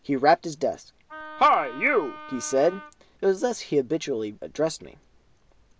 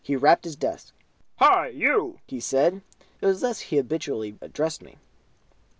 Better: second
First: background sound (Wind instrument, woodwind instrument); 16 dB below the speech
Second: none

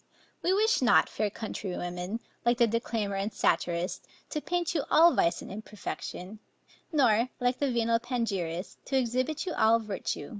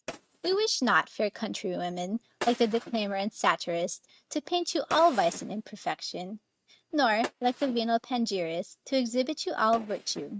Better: first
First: none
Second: noise reduction (neural mask model RNNoise)

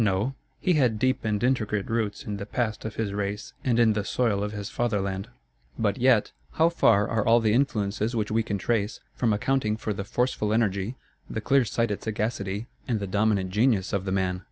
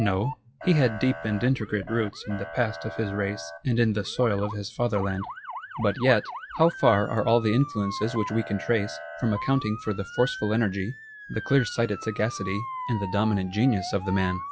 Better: first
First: none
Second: noise reduction (classical method WPE with log-MMSE)

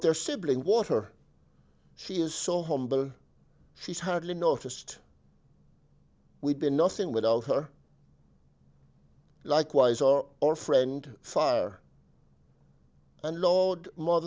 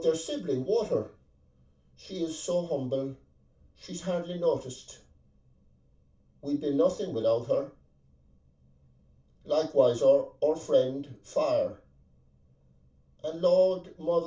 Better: first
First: none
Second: room echo; dies away in 0.2 s

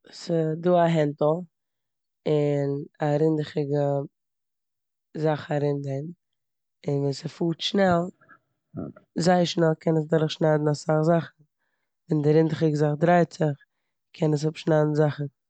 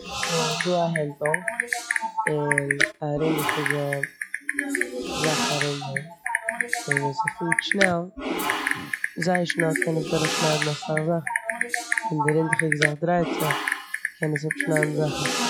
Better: first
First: none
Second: noise reduction (classical method log-MMSE)

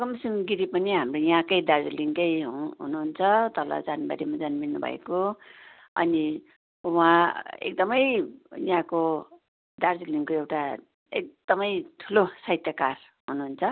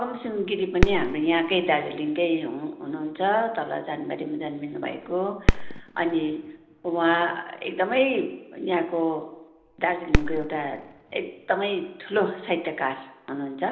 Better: first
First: none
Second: background sound (Fireworks); 4 dB below the speech // room echo; dies away in 0.8 s

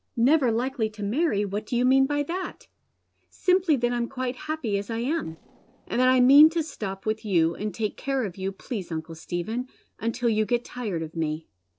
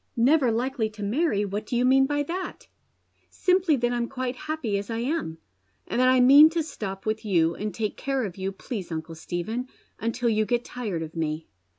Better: second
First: noise reduction (neural separator model SepFormer DNS4)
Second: none

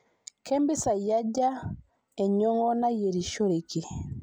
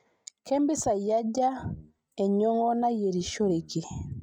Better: first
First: none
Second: noise reduction (neural mask model RNNoise)

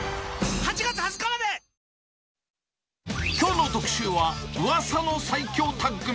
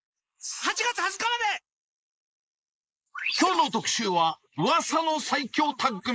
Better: first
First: none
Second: noise reduction (neural mask model Resemble Enhance denoiser)

